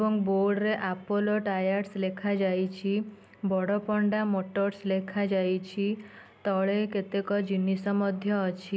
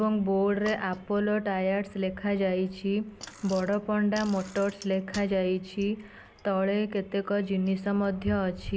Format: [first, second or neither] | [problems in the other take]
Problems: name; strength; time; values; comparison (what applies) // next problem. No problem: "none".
first | background sound (Bicycle); 18 dB below the speech